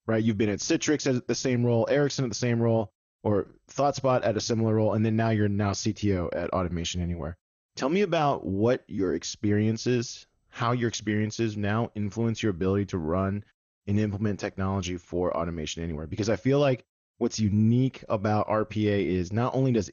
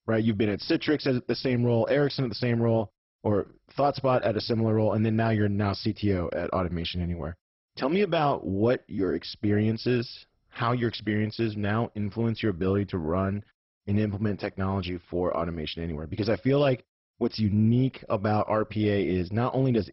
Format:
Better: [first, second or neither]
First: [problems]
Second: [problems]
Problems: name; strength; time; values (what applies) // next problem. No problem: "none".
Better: first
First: garbled, watery; slightly; nothing above 6.5 kHz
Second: garbled, watery; badly; nothing above 5.5 kHz